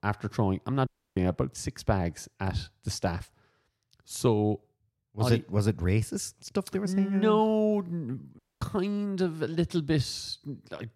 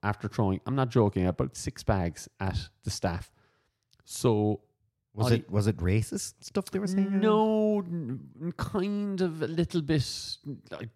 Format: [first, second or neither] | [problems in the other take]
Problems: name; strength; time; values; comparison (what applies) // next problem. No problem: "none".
second | audio cutting out; at 1 s and at 8.5 s